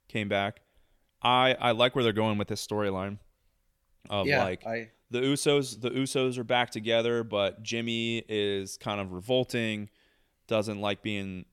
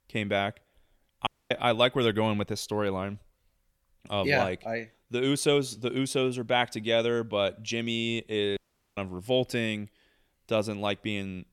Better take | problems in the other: first | audio cutting out; at 1.5 s and at 8.5 s

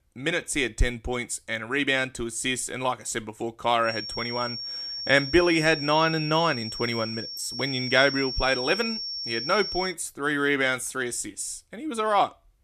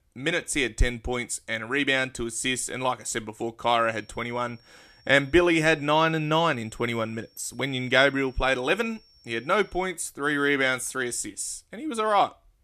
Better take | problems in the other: second | high-pitched whine; loud; from 4 to 10 s; 5.5 kHz, 6 dB below the speech; faint in the second

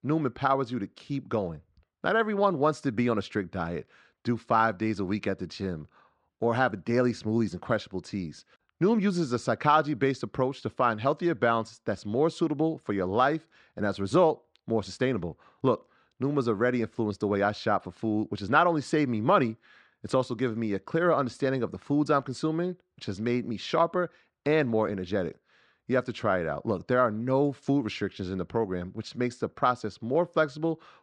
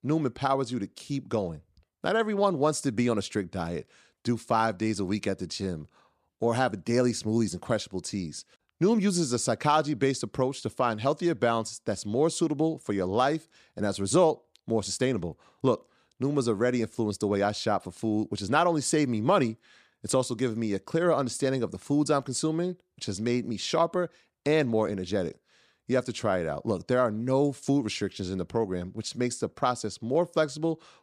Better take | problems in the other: second | muffled; slightly; fading above 3.5 kHz

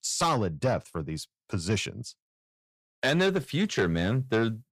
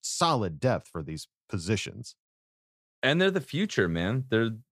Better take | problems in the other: second | distortion; slight; 10 dB below the speech

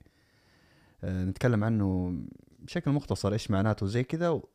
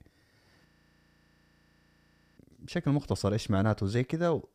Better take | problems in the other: first | audio freezing; at 0.5 s for 1.5 s

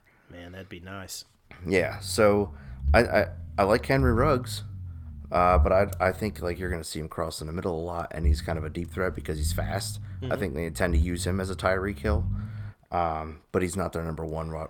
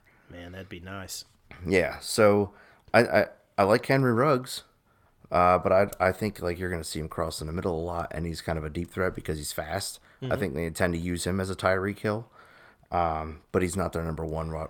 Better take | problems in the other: second | low rumble; faint; from 2 to 6.5 s and from 8 to 13 s; 25 dB below the speech

